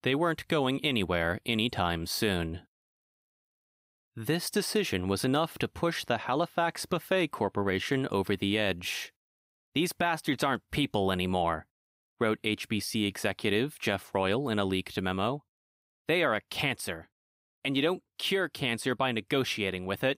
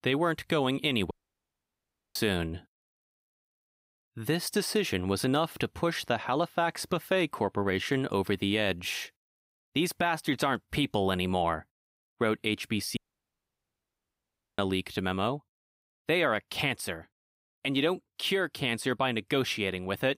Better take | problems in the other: first | audio cutting out; at 1 s for 1 s and at 13 s for 1.5 s

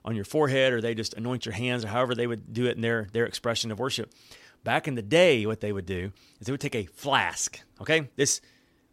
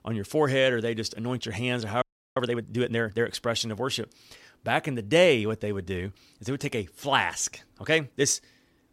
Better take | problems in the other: first | audio freezing; at 2 s

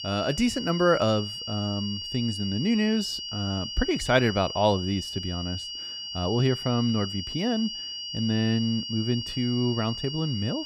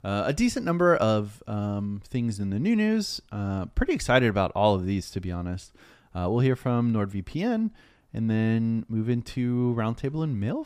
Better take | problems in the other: second | high-pitched whine; loud; throughout; 3 kHz, 6 dB below the speech

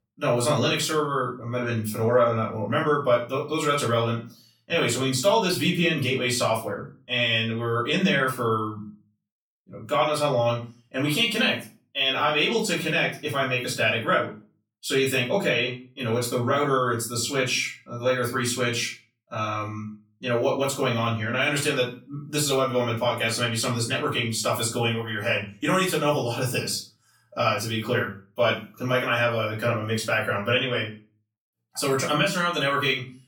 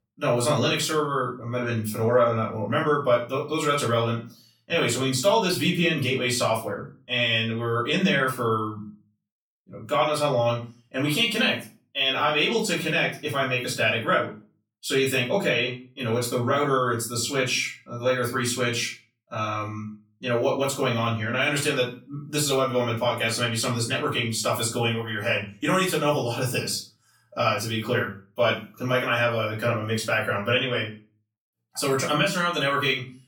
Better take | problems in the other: neither | off-mic speech; far; the same in both // room echo; slight; dies away in 0.3 s; the same in both

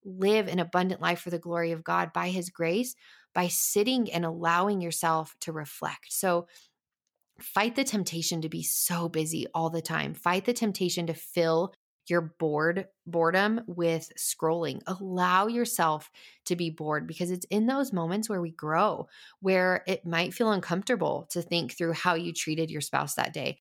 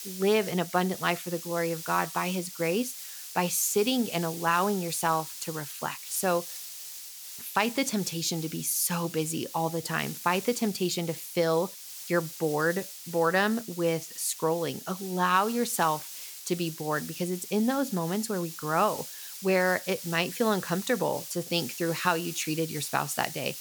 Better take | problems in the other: first | hiss; noticeable; throughout; 10 dB below the speech

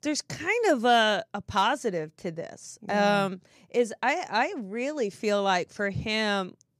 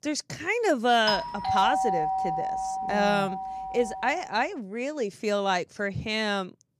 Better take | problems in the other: first | doorbell; loud; from 1 to 4 s; peak 2 dB above the speech

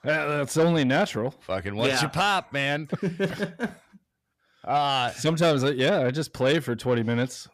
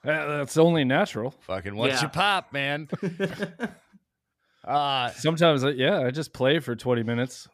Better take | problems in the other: second | distortion; slight; 10 dB below the speech

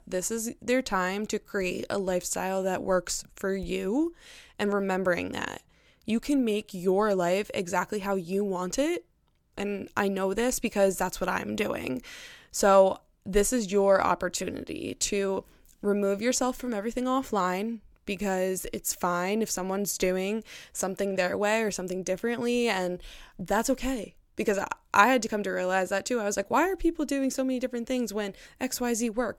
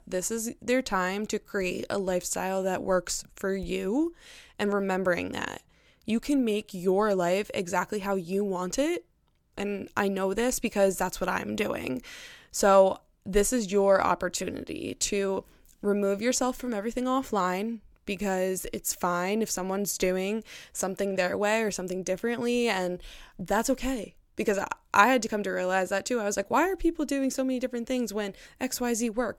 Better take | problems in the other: neither | none

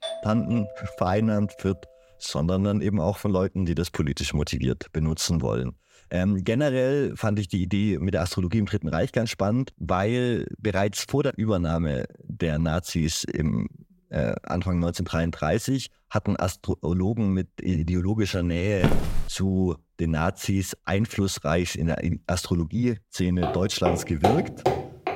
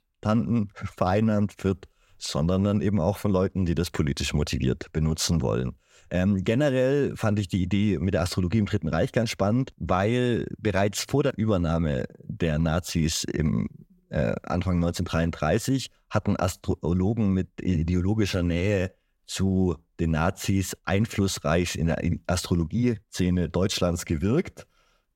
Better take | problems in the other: second | doorbell; noticeable; until 1.5 s; peak 8 dB below the speech // footsteps; loud; at 19 s and from 23 s on; peak 1 dB above the speech

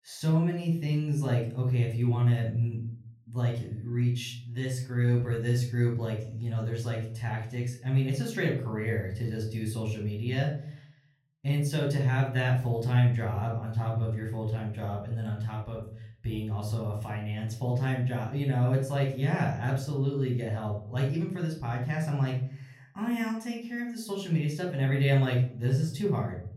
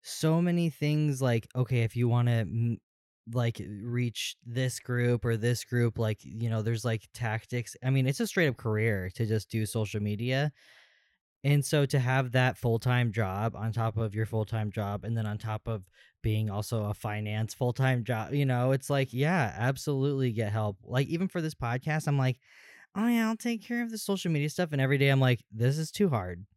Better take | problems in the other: second | off-mic speech; somewhat distant // room echo; slight; dies away in 0.4 s

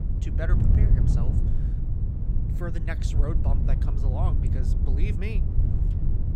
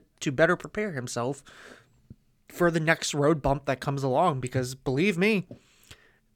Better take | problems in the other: second | low rumble; loud; throughout; 1 dB below the speech

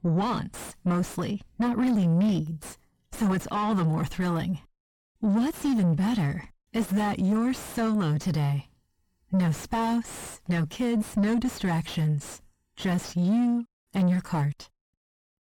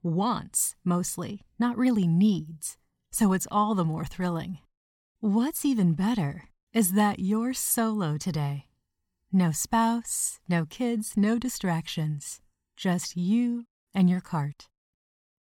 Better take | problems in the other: second | distortion; heavy; 6 dB below the speech

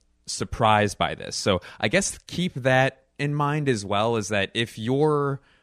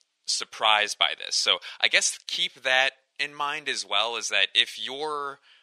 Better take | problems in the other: first | thin; very; fading below 750 Hz

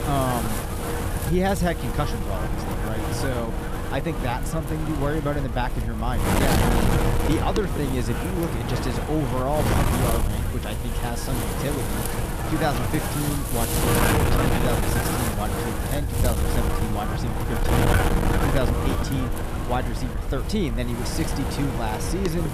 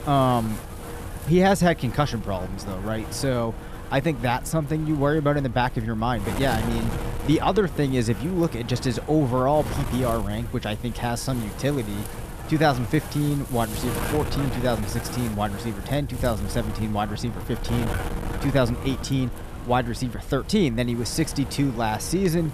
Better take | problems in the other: second | wind noise on the microphone; heavy; 2 dB above the speech; occasional gusts in the second

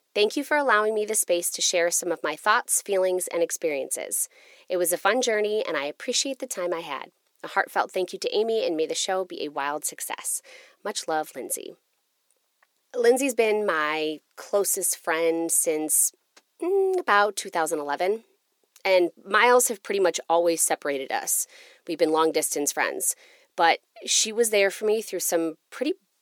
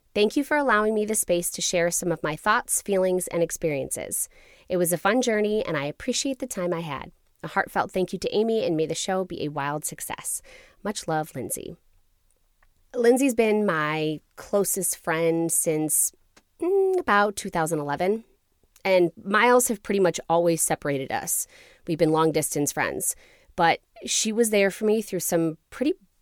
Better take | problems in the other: second | thin; somewhat; fading below 350 Hz

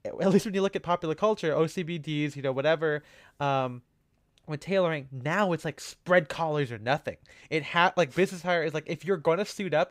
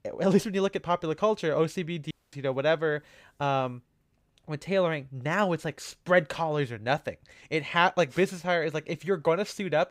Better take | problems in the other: first | audio cutting out; at 2 s

